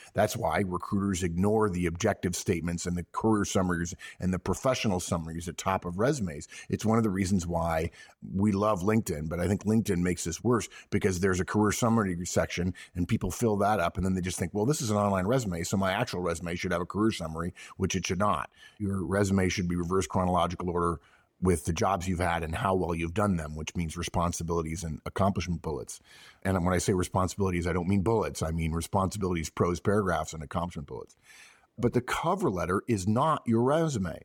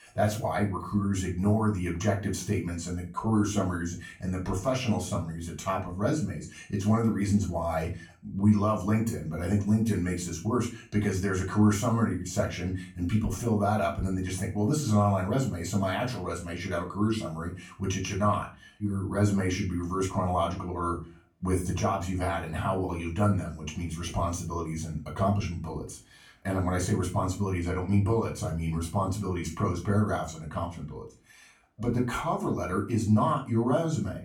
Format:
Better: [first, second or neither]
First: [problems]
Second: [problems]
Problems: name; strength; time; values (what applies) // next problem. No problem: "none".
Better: first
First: none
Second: off-mic speech; far // room echo; slight; dies away in 0.3 s